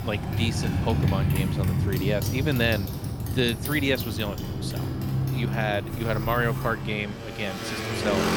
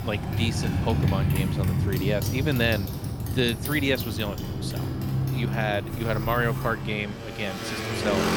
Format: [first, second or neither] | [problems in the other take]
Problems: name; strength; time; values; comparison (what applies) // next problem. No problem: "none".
neither | traffic noise; very loud; throughout; as loud as the speech; the same in both